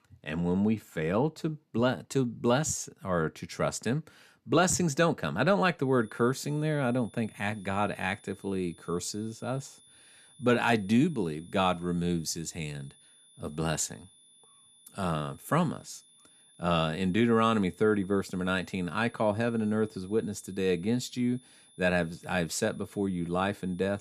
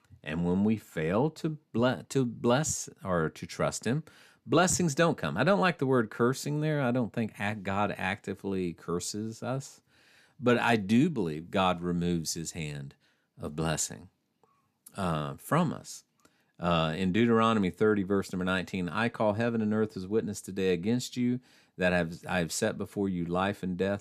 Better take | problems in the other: second | high-pitched whine; faint; from 6 s on; 10.5 kHz, 25 dB below the speech

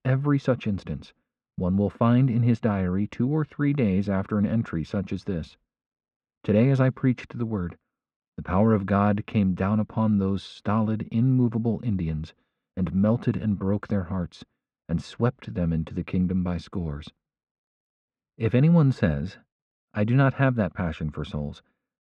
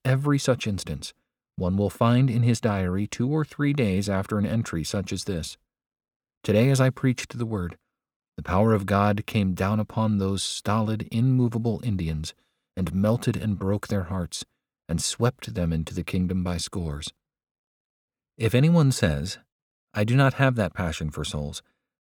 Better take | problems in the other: second | muffled; very; fading above 2.5 kHz

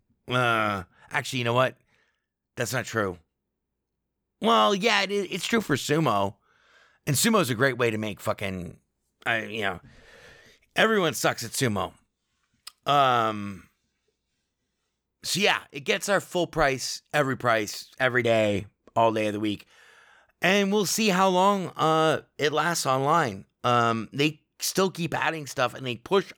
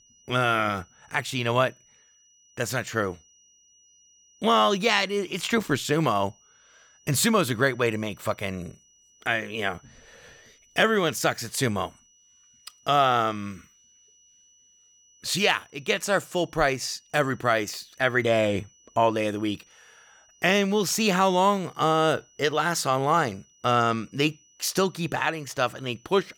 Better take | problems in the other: first | high-pitched whine; faint; throughout; 6 kHz, 30 dB below the speech

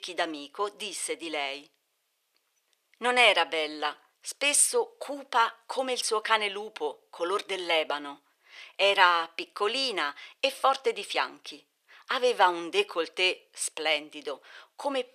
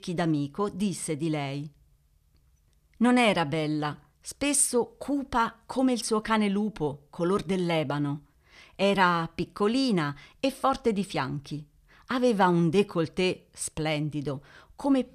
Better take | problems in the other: second | thin; very; fading below 450 Hz

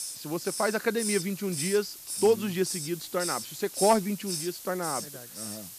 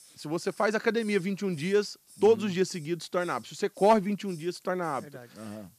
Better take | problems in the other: second | hiss; loud; throughout; 5 dB below the speech; faint in the second

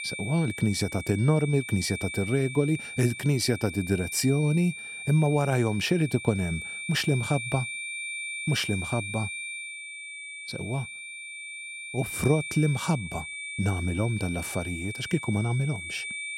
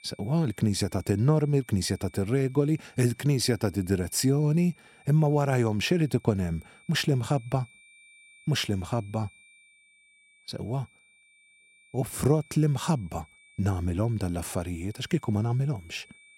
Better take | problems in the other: second | high-pitched whine; loud; throughout; 2.5 kHz, 8 dB below the speech; faint in the second

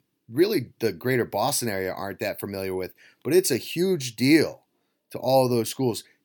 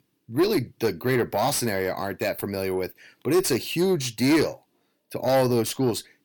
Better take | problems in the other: first | distortion; slight; 10 dB below the speech

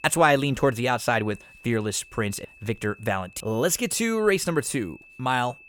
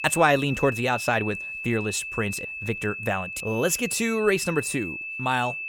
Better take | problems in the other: first | high-pitched whine; loud; throughout; 2.5 kHz, 6 dB below the speech; faint in the first

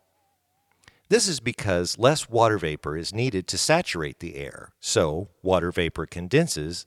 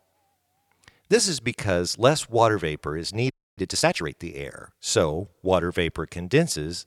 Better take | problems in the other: first | audio freezing; at 3.5 s

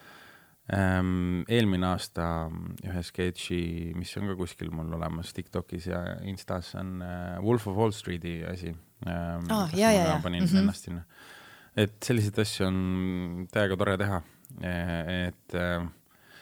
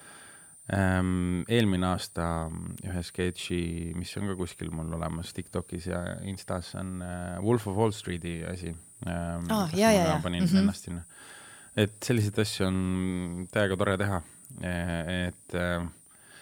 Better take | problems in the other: first | high-pitched whine; noticeable; throughout; 9 kHz, 20 dB below the speech

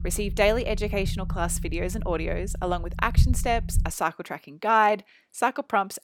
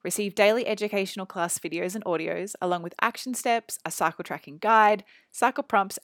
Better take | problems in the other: second | low rumble; faint; until 4 s; 20 dB below the speech

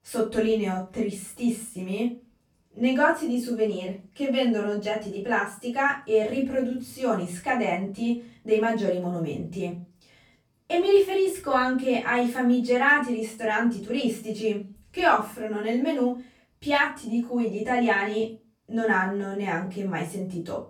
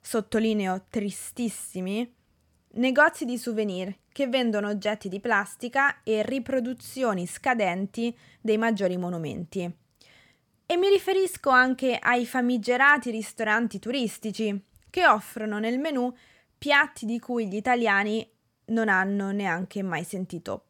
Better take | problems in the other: second | off-mic speech; far // room echo; slight; dies away in 0.3 s

